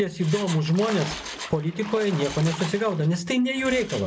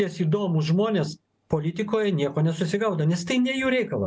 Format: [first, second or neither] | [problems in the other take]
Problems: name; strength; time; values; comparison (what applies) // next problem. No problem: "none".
second | background sound (Mechanisms + Splash, splatter); 13 dB below the speech